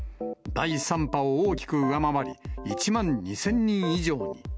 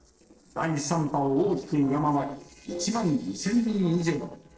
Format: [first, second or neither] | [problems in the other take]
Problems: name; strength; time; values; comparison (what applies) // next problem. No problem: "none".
first | noise reduction (neural separator model SepFormer DNS4)